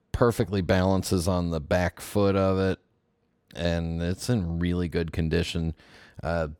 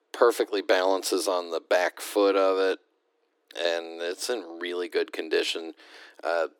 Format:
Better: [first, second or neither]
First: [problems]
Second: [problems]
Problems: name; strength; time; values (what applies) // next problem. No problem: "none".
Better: first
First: none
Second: thin; very; fading below 300 Hz